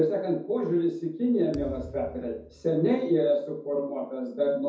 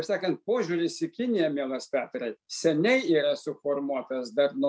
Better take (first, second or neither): second